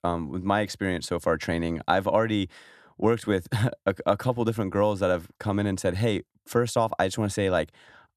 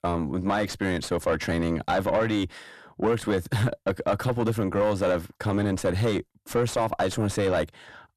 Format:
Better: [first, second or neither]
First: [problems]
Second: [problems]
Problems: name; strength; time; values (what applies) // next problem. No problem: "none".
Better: first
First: none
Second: distortion; heavy; 7 dB below the speech